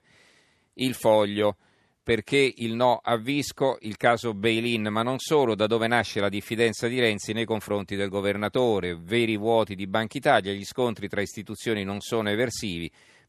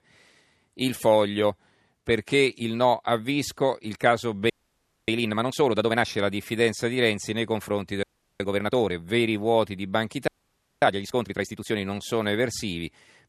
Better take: first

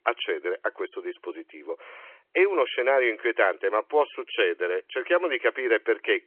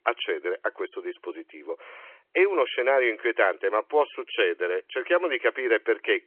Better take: neither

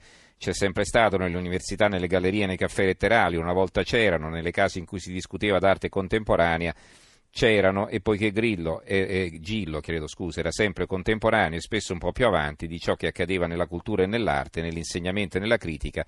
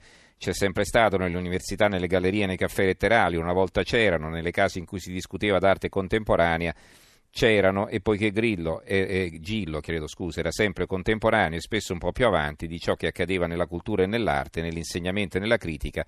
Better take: second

